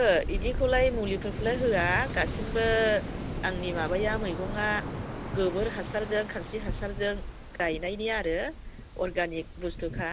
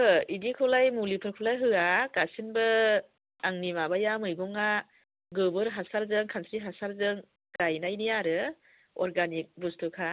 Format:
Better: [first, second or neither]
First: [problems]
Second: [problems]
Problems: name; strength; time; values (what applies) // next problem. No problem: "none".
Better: second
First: background sound (Waves, surf); 5 dB below the speech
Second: none